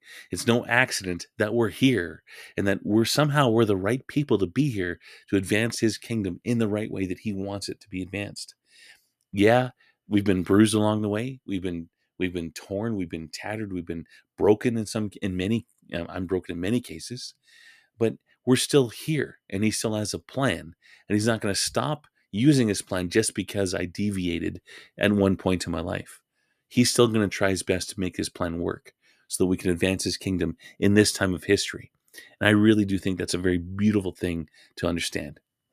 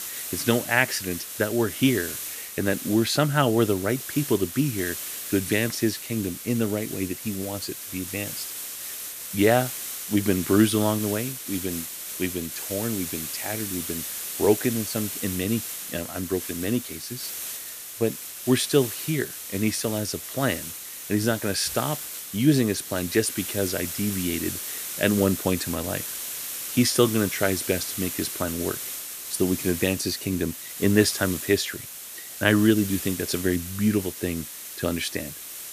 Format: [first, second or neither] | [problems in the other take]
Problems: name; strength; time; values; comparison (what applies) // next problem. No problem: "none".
first | hiss; loud; throughout; 6 dB below the speech